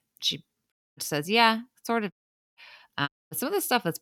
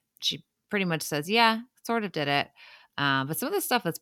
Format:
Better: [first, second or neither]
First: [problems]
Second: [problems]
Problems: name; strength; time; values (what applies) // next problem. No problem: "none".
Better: second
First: audio cutting out; at 0.5 s, at 2 s and at 3 s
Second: none